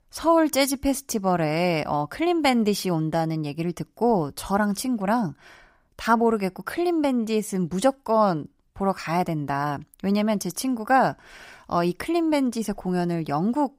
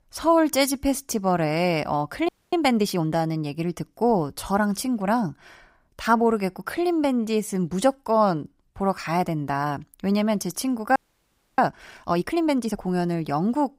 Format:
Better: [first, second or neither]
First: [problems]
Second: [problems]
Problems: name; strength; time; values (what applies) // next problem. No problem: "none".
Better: first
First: none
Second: audio freezing; at 2.5 s and at 11 s for 0.5 s